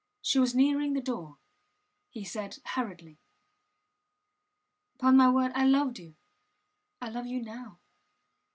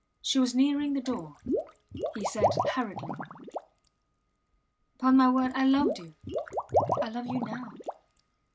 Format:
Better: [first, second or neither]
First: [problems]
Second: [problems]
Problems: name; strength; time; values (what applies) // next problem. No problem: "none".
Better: first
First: none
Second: background sound (Water / Liquid); 4 dB below the speech